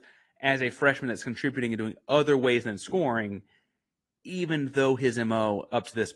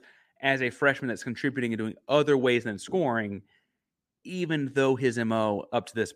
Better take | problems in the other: second | garbled, watery; slightly

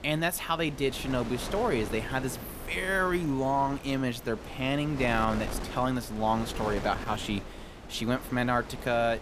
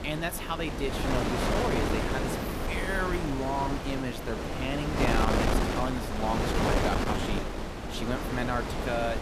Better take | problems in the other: first | wind noise on the microphone; heavy; 1 dB above the speech; occasional gusts in the first

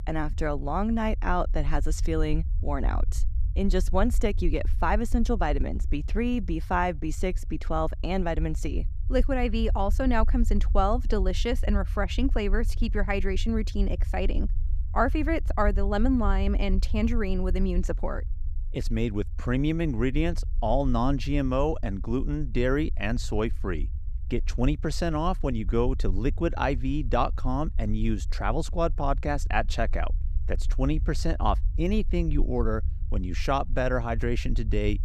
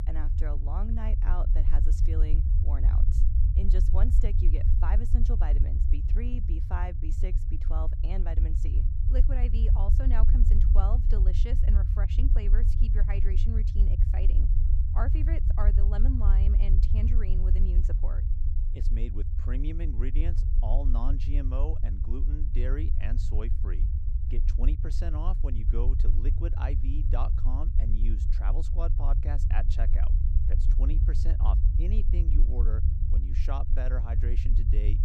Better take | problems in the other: first | low rumble; loud; throughout; 4 dB below the speech; faint in the first

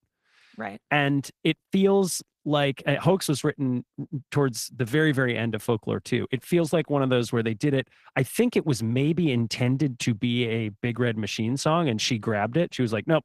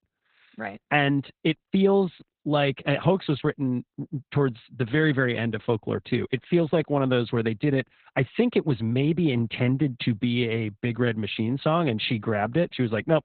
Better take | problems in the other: first | garbled, watery; badly; nothing above 4 kHz; slightly in the first

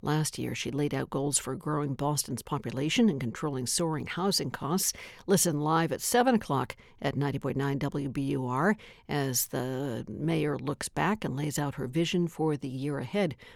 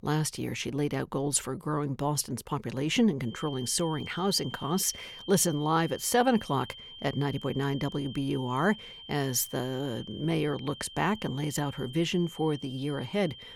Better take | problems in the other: first | high-pitched whine; noticeable; from 3.5 s on; 3 kHz, 15 dB below the speech

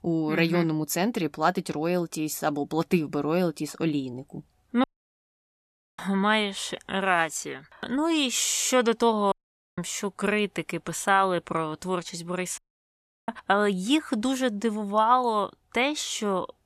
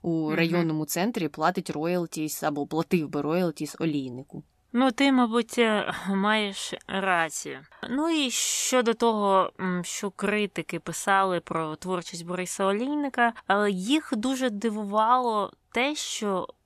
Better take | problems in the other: second | audio cutting out; at 5 s for 1 s, at 9.5 s and at 13 s for 0.5 s

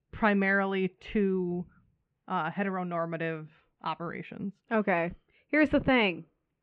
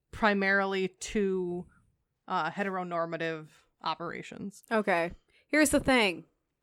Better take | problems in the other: second | muffled; very; fading above 3 kHz

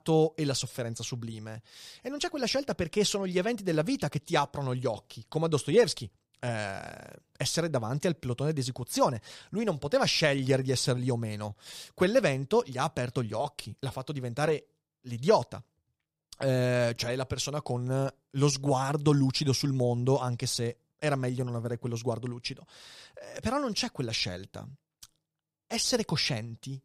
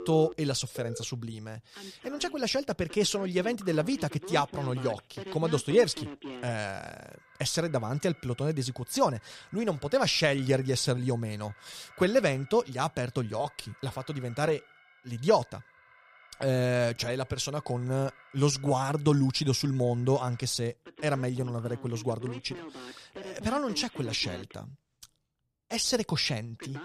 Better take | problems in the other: first | alarms or sirens; noticeable; throughout; 20 dB below the speech

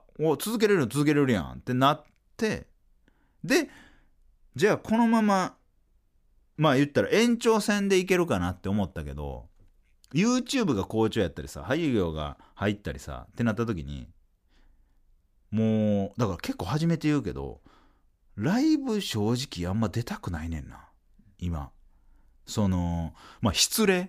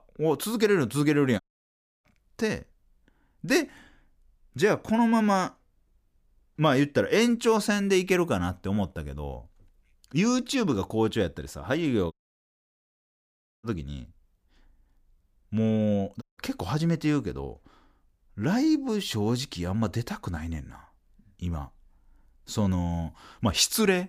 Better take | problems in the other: first | audio cutting out; at 1.5 s for 0.5 s, at 12 s for 1.5 s and at 16 s

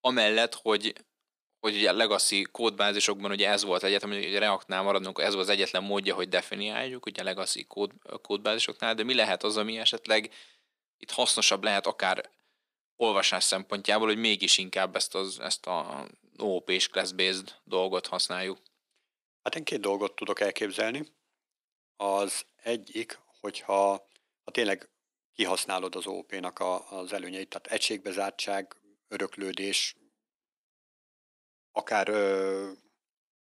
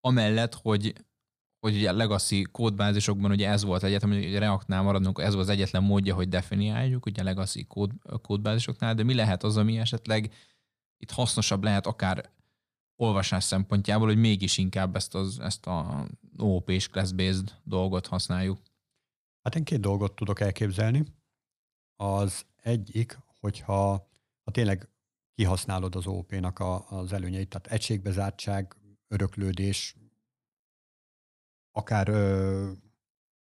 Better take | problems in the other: second | thin; very; fading below 300 Hz

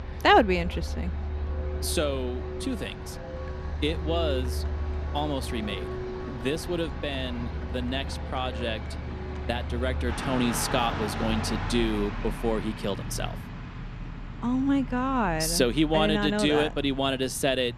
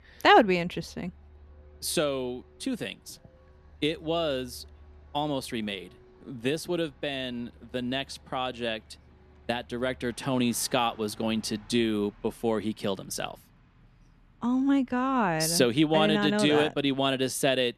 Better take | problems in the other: second | traffic noise; loud; throughout; 7 dB below the speech; faint in the second

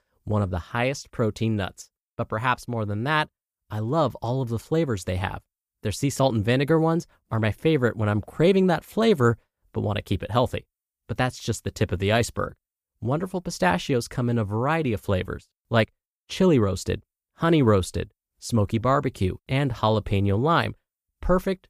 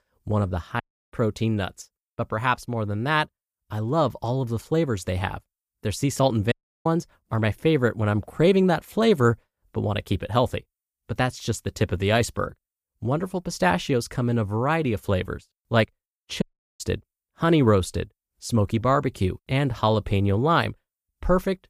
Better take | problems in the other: first | audio cutting out; at 1 s, at 6.5 s and at 16 s

